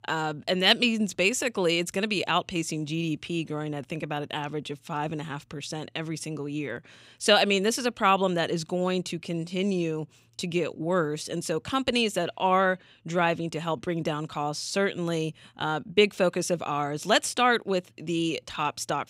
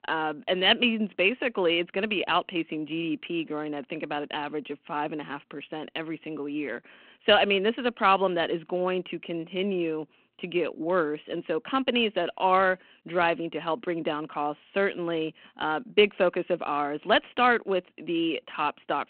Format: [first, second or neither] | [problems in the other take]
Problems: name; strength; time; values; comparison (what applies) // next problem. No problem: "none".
first | phone-call audio